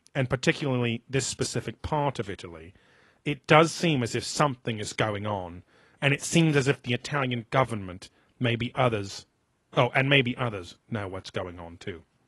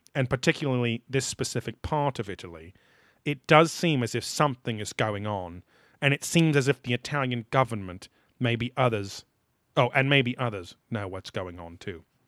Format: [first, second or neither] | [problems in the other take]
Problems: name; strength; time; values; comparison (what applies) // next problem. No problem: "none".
second | garbled, watery; slightly; nothing above 11 kHz